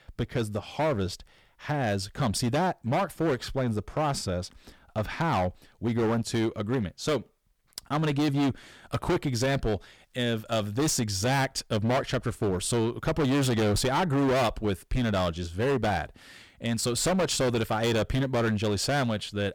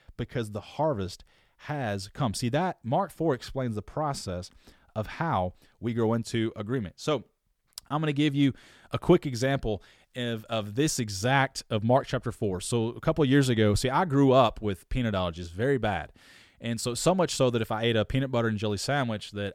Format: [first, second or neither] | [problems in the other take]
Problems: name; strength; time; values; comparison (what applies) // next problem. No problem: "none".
second | distortion; heavy; 16% of the sound clipped